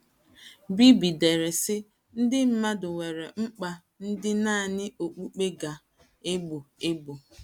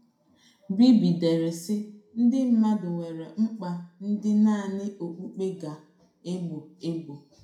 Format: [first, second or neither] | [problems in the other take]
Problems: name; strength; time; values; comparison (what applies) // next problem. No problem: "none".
first | room echo; dies away in 0.5 s